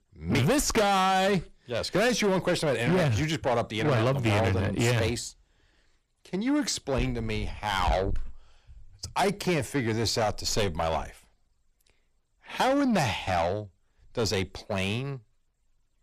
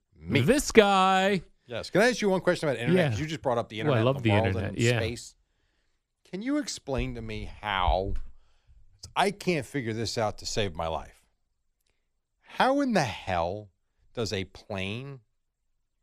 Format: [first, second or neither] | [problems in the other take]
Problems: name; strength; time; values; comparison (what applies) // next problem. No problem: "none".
second | distortion; heavy; 6 dB below the speech